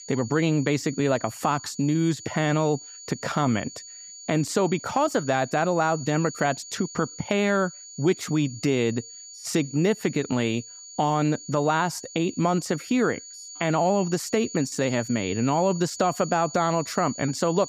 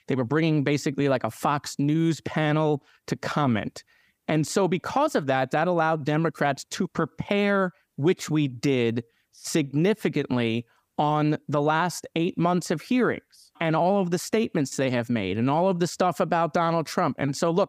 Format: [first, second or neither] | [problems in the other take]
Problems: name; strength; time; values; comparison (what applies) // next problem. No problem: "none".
second | high-pitched whine; noticeable; throughout; 7 kHz, 15 dB below the speech